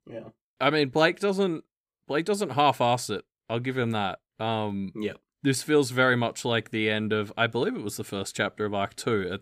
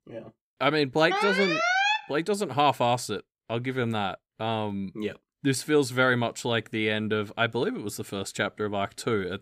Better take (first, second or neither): first